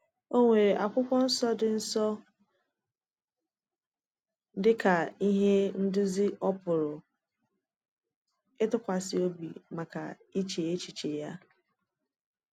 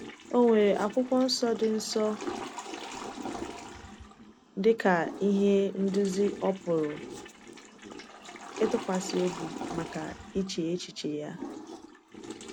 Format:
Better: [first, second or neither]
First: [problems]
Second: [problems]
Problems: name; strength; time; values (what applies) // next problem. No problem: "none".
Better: first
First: none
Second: background sound (Toilet flush / Water); 12 dB below the speech